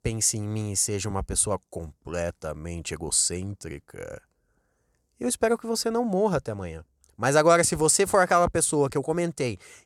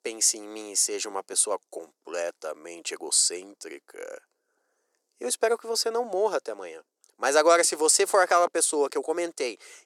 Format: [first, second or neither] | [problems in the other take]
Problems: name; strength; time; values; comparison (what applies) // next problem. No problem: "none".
first | thin; very; fading below 350 Hz